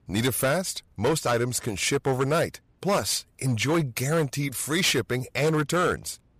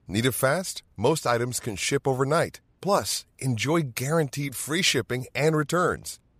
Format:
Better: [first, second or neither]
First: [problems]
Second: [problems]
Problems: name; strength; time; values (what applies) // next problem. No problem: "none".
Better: second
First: distortion; slight; 8% of the sound clipped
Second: none